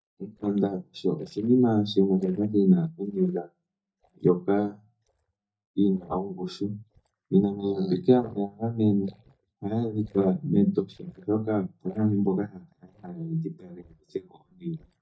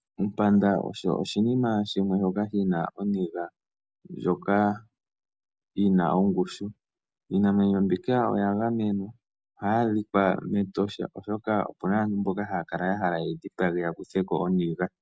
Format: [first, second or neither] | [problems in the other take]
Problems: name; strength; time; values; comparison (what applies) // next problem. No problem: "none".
second | noise reduction (neural mask model DeepFilterNet 3)